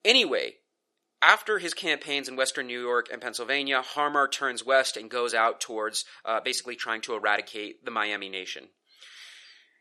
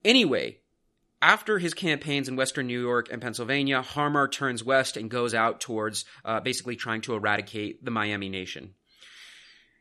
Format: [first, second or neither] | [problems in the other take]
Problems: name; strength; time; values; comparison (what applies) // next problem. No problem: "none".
second | thin; somewhat; fading below 500 Hz